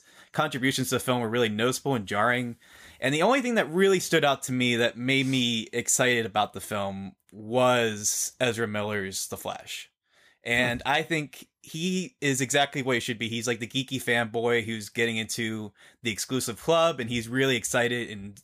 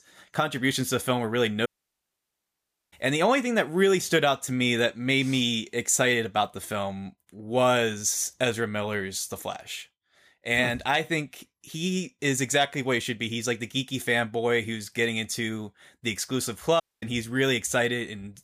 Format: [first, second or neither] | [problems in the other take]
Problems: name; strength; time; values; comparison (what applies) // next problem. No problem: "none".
first | audio cutting out; at 1.5 s for 1.5 s and at 17 s